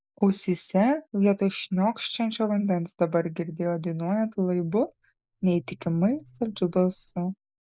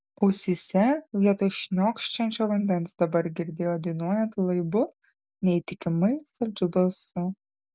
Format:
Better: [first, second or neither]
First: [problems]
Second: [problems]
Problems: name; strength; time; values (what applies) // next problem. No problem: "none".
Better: second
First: noise reduction (neural mask model Resemble Enhance denoiser)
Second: none